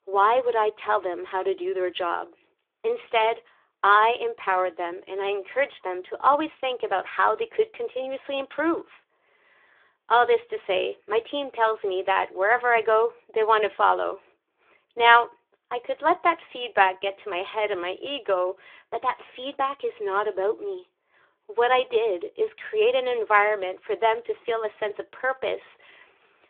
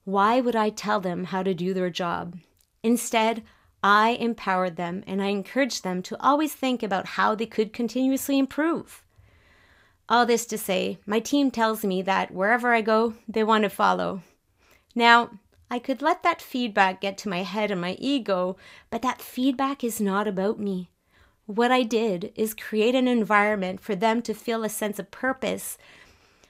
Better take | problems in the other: second | phone-call audio; nothing above 3.5 kHz

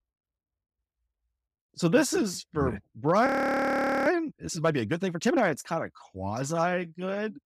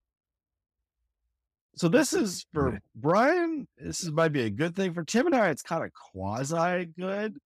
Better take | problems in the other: second | audio freezing; at 3.5 s for 1 s

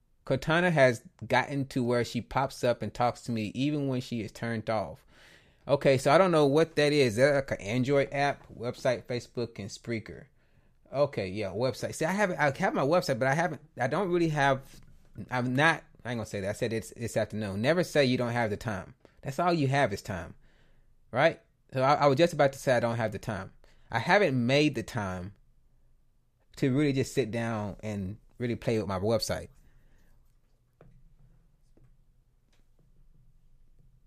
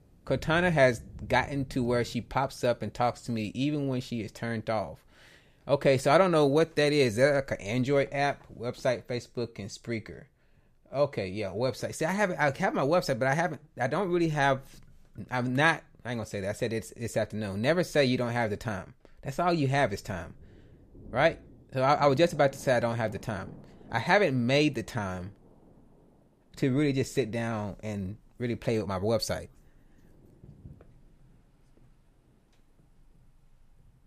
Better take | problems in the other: first | rain or running water; faint; throughout; 25 dB below the speech

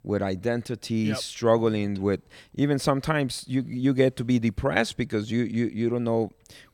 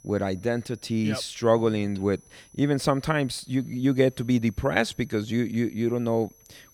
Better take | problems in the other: first | high-pitched whine; faint; throughout; 6 kHz, 30 dB below the speech

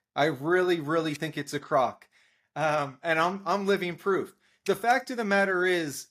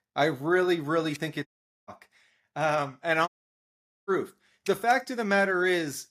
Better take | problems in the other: first | audio cutting out; at 1.5 s and at 3.5 s for 1 s

